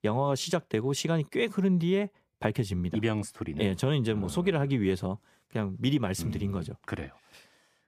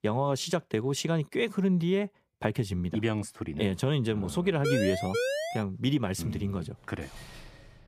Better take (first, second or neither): first